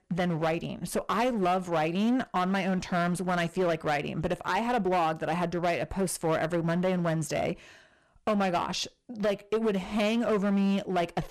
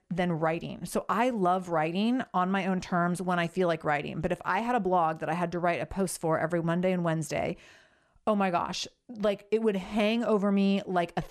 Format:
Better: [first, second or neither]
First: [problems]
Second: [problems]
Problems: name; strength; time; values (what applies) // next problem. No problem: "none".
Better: second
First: distortion; slight; 12% of the sound clipped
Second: none